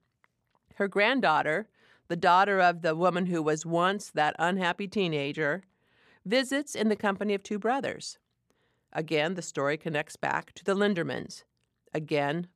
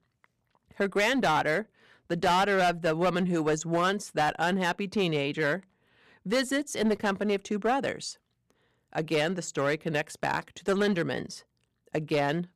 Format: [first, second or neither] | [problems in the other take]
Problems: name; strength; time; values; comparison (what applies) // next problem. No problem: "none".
first | distortion; slight; 8% of the sound clipped